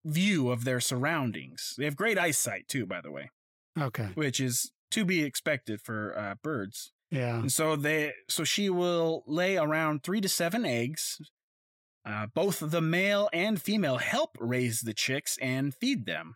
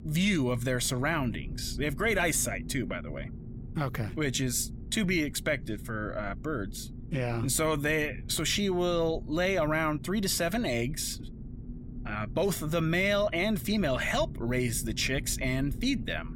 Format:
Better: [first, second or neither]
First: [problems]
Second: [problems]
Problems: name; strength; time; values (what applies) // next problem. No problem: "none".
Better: first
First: none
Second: low rumble; faint; throughout; 20 dB below the speech